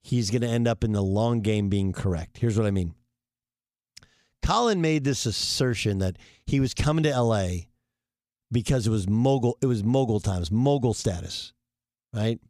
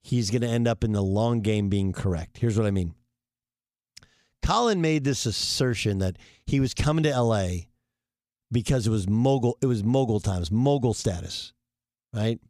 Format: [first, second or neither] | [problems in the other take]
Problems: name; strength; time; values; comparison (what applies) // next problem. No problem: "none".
neither | none